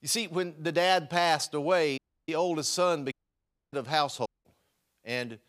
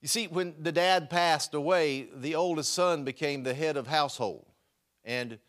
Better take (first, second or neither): second